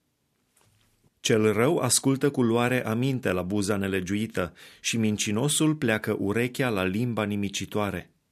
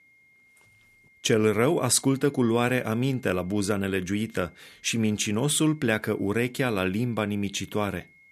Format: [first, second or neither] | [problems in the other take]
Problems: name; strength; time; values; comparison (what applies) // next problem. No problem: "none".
first | high-pitched whine; faint; throughout; 2 kHz, 30 dB below the speech